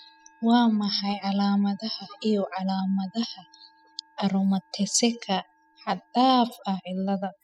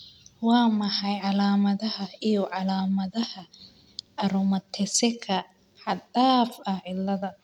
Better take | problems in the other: second | noise reduction (classical method spectral subtraction)

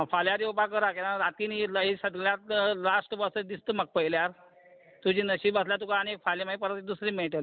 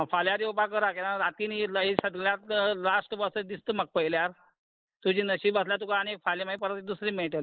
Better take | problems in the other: first | noise reduction (neural mask model Resemble Enhance denoiser)

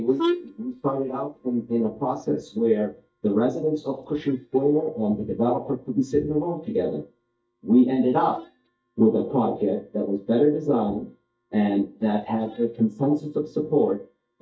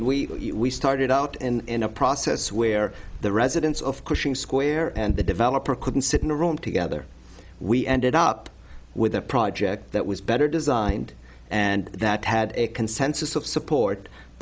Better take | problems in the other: second | noise reduction (neural mask model DeepFilterNet 3)

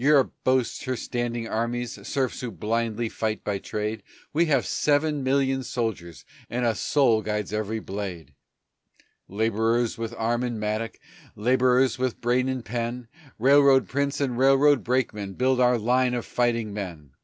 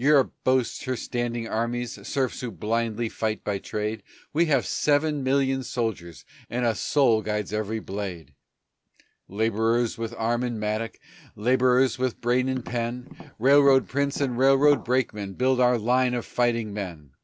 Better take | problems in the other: first | background sound (Tap); 16 dB below the speech

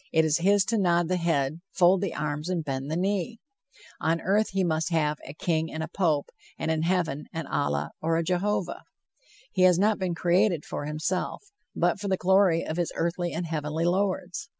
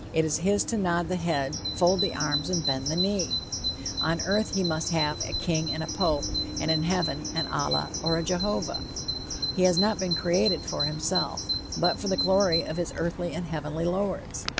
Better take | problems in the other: first | background sound (Bird vocalization, bird call, bird song); 4 dB below the speech

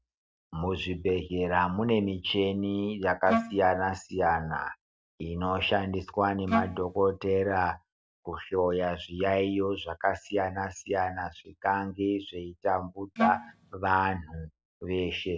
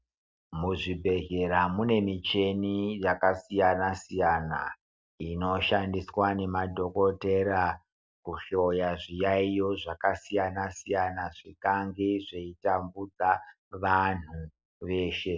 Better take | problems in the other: second | background sound (Wind instrument, woodwind instrument); 1 dB below the speech

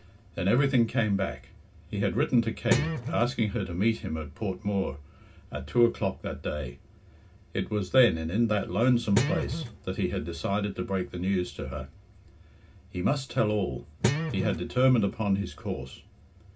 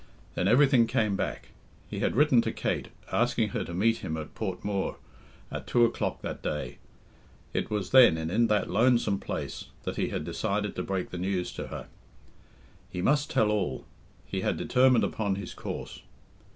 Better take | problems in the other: second | background sound (Guitar); 3 dB below the speech // room echo; dies away in 0.4 s

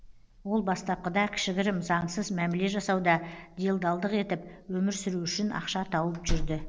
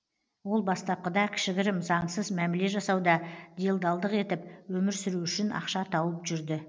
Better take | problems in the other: second | background sound (Slam); 9 dB below the speech

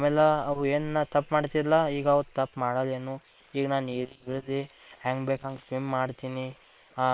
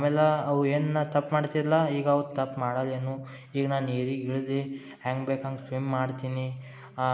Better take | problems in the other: second | noise reduction (neural separator model SepFormer WHAM!)

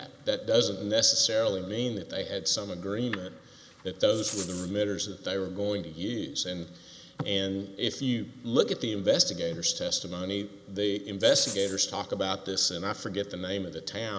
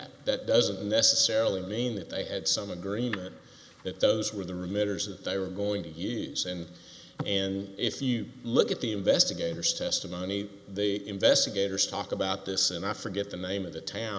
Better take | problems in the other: second | background sound (Rattle); 10 dB below the speech

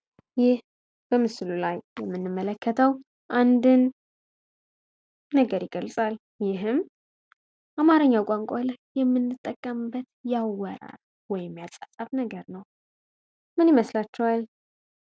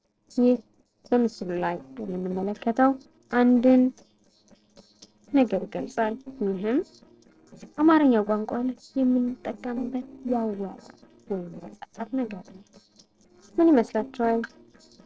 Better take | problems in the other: first | noise reduction (neural separator model SepFormer DNS4)

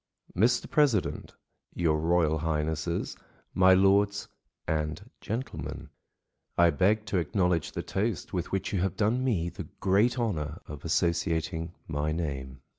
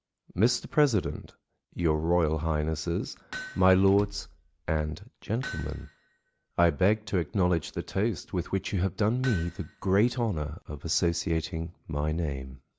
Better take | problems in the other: first | background sound (Door / Car + Hammer); 17 dB below the speech

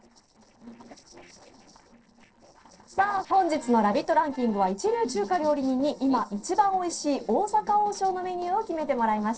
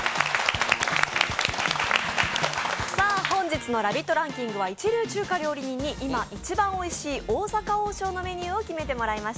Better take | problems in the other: second | noise reduction (neural separator model SepFormer DNS4)

